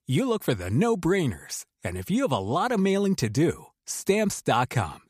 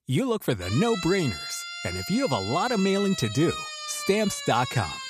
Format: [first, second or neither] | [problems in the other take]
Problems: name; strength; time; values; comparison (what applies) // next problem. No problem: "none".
first | siren; noticeable; from 0.5 s on; peak 6 dB below the speech